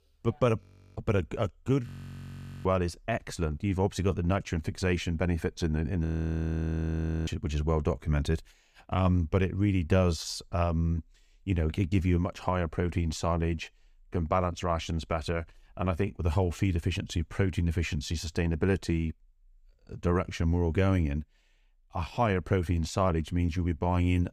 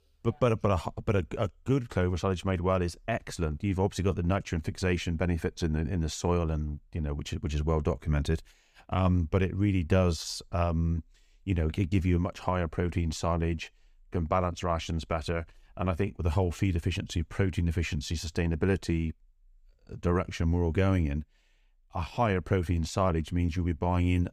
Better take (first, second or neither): second